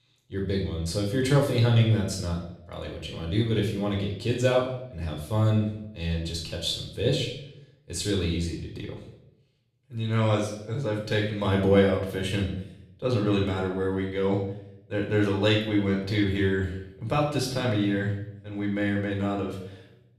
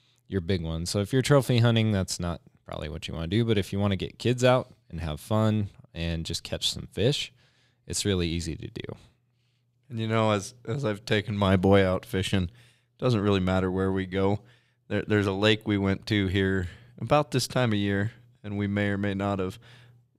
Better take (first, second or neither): second